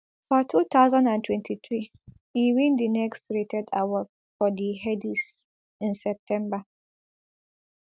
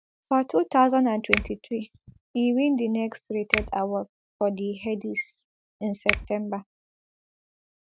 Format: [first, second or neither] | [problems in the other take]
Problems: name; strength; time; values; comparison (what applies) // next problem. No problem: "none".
first | background sound (Finger snapping); 7 dB below the speech